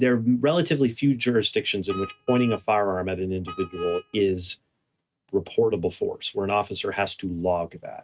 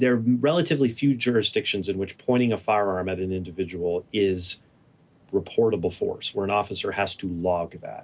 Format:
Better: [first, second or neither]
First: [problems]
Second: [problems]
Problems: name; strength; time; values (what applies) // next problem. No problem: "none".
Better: second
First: noise reduction (neural mask model RNNoise)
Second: none